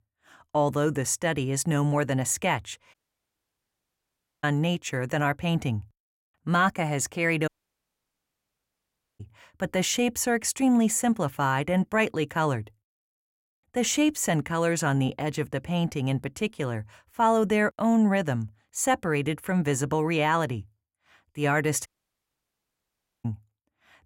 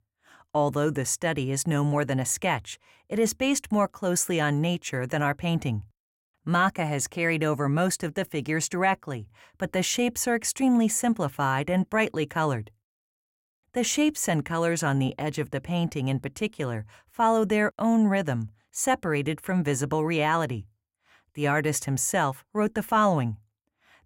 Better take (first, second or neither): second